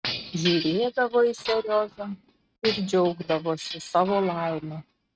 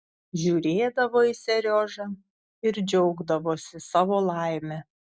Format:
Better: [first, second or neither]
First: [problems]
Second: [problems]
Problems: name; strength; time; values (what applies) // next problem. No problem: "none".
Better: second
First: noise reduction (neural mask model RNNoise)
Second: none